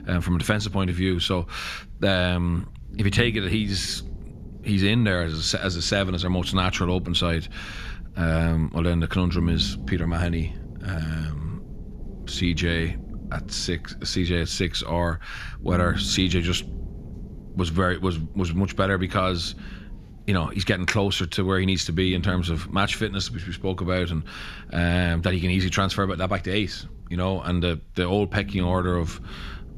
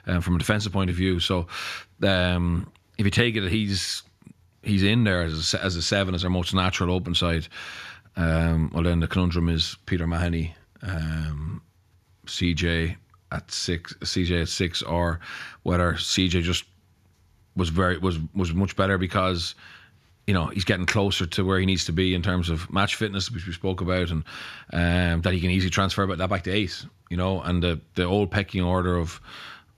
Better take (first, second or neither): second